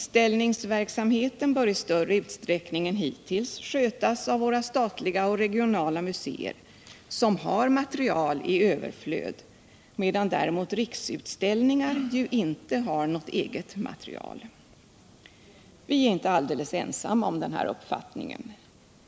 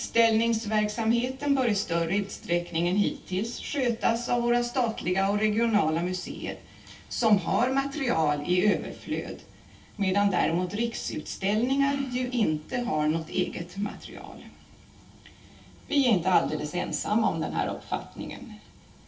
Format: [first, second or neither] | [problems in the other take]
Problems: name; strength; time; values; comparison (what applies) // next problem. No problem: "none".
first | room echo; dies away in 0.2 s